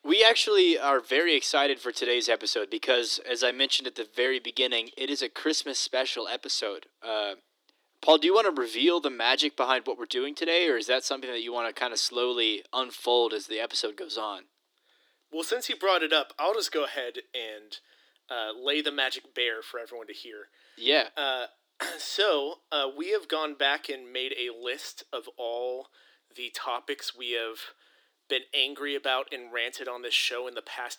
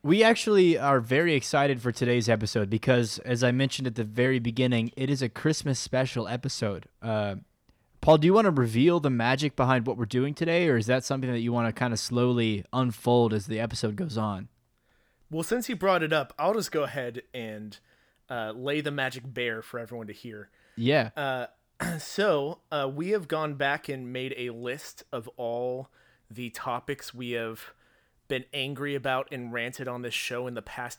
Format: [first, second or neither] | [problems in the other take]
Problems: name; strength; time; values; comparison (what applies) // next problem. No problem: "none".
second | thin; somewhat; fading below 300 Hz